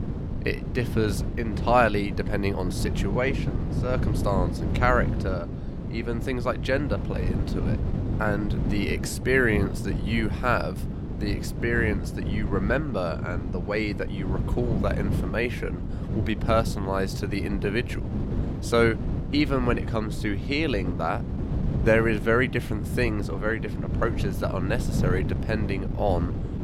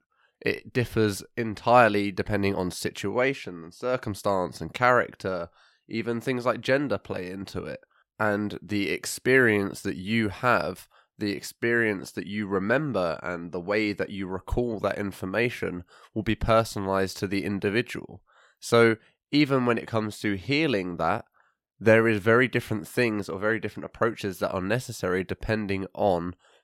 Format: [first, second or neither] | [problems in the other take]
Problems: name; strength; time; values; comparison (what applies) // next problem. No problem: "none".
second | wind noise on the microphone; occasional gusts; 10 dB below the speech